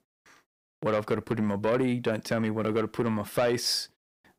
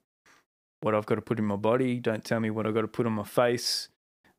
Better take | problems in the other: second | distortion; slight; 10 dB below the speech

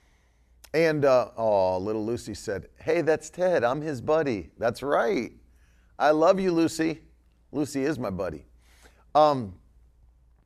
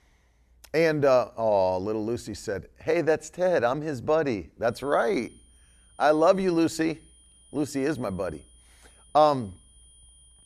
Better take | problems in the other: first | high-pitched whine; faint; from 4.5 s on; 9.5 kHz, 30 dB below the speech

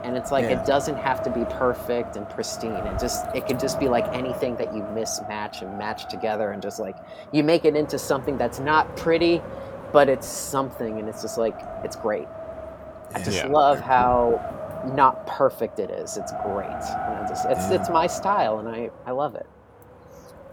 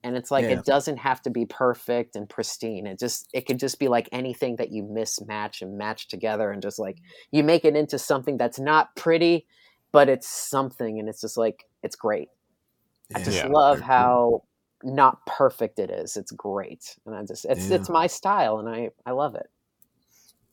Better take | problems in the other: second | wind noise on the microphone; heavy; 8 dB below the speech

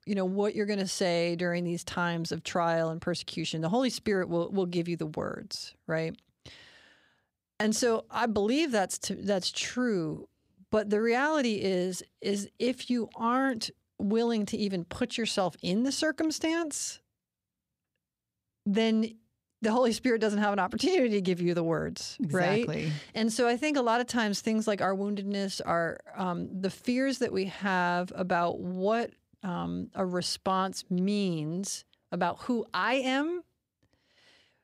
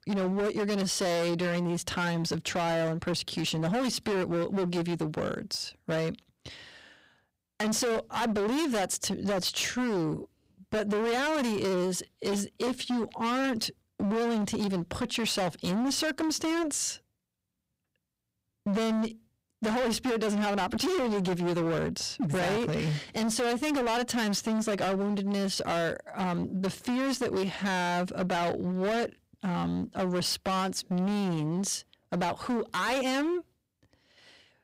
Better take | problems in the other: first | distortion; heavy; 27% of the sound clipped

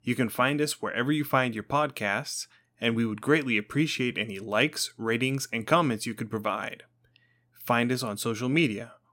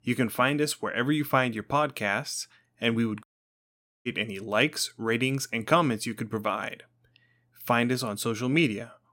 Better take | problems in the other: first | audio cutting out; at 3 s for 1 s

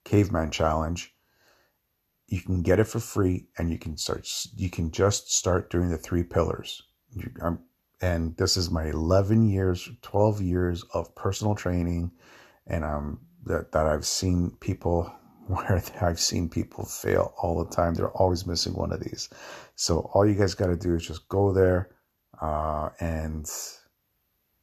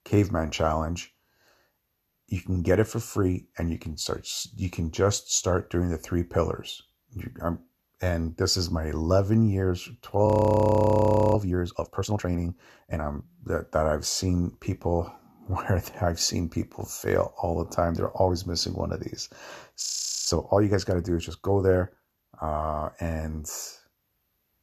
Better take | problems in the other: first | audio freezing; at 10 s for 1 s and at 20 s

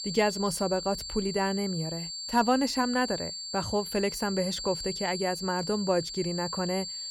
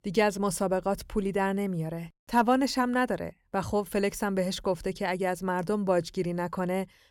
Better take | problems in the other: second | high-pitched whine; loud; throughout; 4.5 kHz, 5 dB below the speech

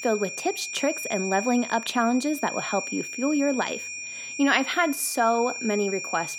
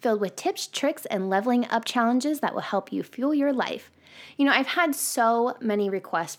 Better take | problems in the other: second | high-pitched whine; loud; throughout; 2.5 kHz, 7 dB below the speech

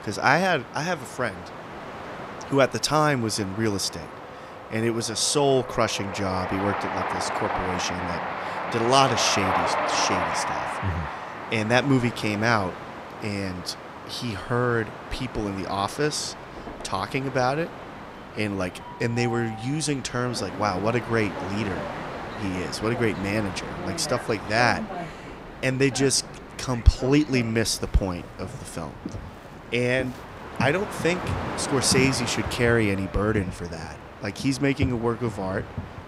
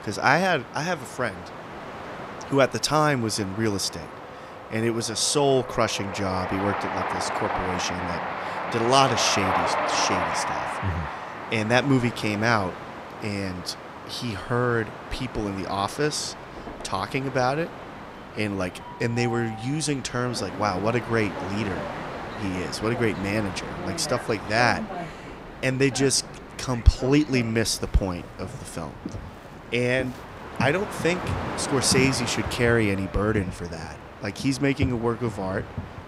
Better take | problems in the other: neither | train or aircraft noise; loud; throughout; 8 dB below the speech; the same in both

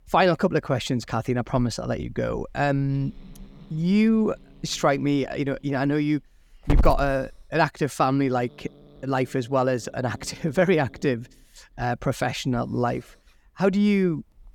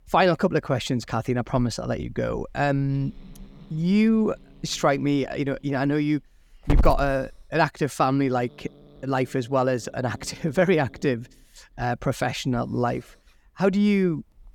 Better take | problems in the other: neither | hiss; noticeable; throughout; 10 dB below the speech; the same in both

